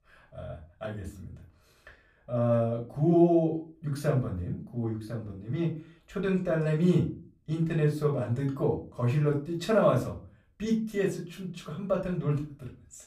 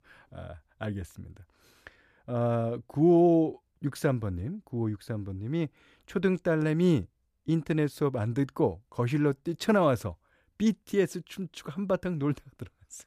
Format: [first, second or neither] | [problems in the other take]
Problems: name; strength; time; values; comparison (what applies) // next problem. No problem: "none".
second | off-mic speech; far // room echo; slight; dies away in 0.3 s